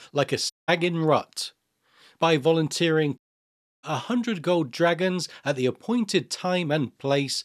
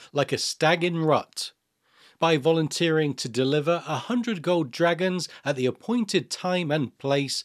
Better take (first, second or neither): second